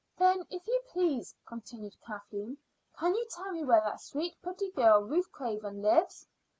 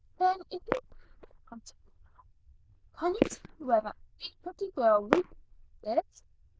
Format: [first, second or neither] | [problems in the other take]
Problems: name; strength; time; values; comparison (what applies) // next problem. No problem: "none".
first | noise reduction (neural diffusion model UNIVERSE++)